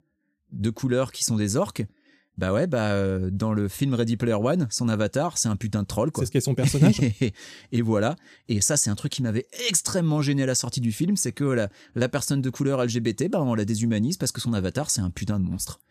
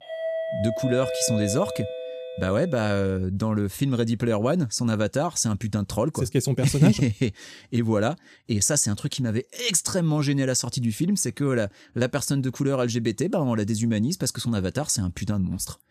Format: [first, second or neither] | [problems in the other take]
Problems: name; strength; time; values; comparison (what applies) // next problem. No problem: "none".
first | doorbell; noticeable; until 3 s; peak 4 dB below the speech